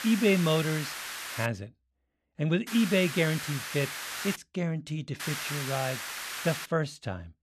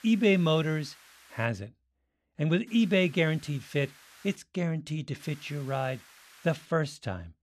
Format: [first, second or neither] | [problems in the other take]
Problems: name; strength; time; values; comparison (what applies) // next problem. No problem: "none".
second | hiss; loud; until 1.5 s, from 2.5 to 4.5 s and from 5 to 6.5 s; 6 dB below the speech; faint in the second